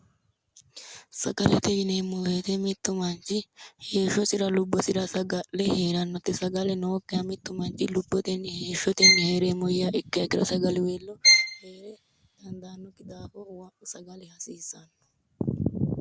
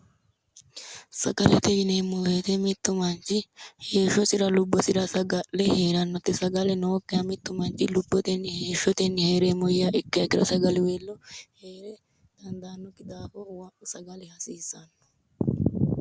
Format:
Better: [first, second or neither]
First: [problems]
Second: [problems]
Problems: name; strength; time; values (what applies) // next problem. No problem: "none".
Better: second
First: background sound (Bowed string instrument); 4 dB above the speech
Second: none